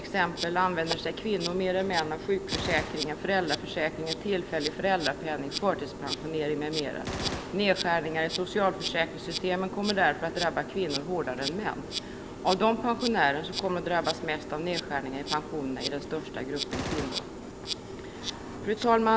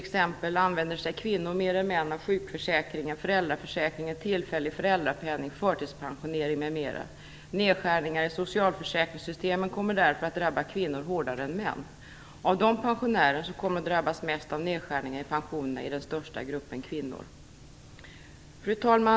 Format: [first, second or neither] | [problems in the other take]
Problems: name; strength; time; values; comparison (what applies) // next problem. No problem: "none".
second | background sound (Gunshot, gunfire + Insect); 7 dB below the speech